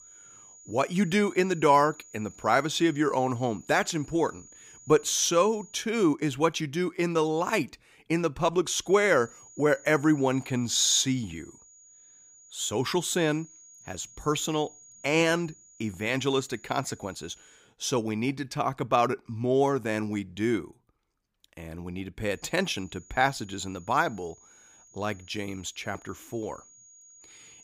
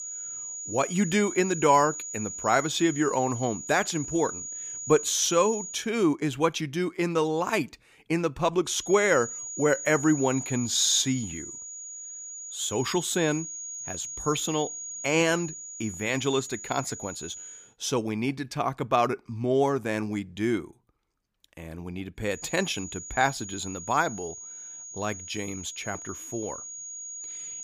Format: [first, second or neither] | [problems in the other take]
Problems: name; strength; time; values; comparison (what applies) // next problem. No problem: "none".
first | high-pitched whine; loud; until 6 s, from 9 to 18 s and from 22 s on; 7 kHz, 9 dB below the speech; faint in the first